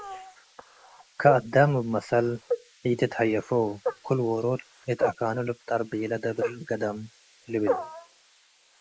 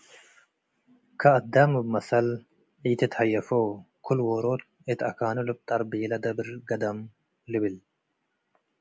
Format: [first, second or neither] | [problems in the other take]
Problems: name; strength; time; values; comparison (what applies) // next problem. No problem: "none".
second | noise reduction (neural mask model Resemble Enhance denoiser)